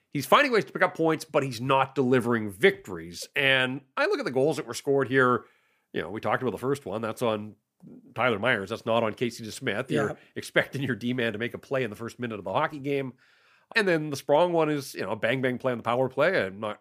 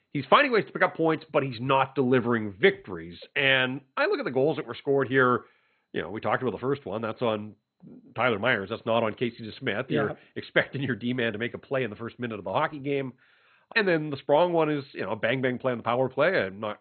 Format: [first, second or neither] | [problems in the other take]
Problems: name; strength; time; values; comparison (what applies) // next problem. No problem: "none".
first | garbled, watery; badly; nothing above 4 kHz